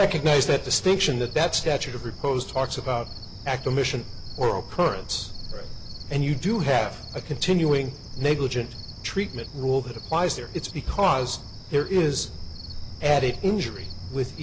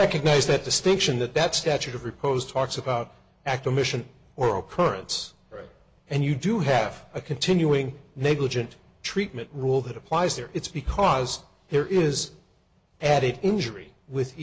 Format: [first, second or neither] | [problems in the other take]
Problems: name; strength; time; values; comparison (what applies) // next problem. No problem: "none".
second | background sound (Cricket); 11 dB below the speech